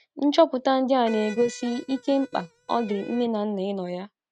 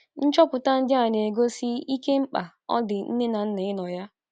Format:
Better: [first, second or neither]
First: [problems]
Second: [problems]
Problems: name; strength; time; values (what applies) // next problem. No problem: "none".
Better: second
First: noise reduction (neural mask model RNNoise)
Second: none